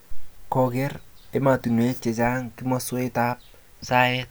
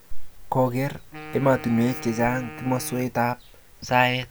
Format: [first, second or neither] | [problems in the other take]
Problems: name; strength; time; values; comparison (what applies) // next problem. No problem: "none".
first | background sound (Wind instrument, woodwind instrument); 17 dB below the speech